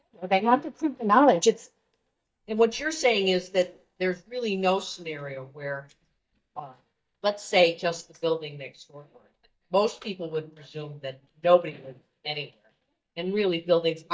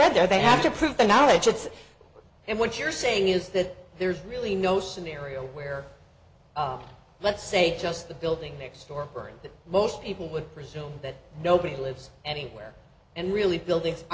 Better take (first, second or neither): second